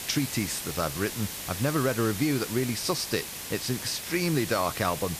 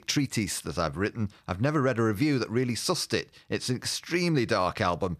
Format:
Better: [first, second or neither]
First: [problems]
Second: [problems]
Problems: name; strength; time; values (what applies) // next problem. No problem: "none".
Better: second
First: hiss; loud; throughout; 6 dB below the speech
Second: none